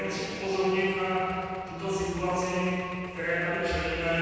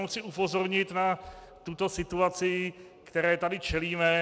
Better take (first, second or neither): second